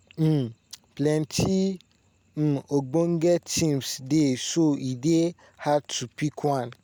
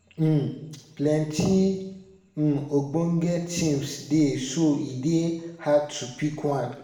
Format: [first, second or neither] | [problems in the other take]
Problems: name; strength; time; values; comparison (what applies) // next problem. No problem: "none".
first | room echo; dies away in 0.8 s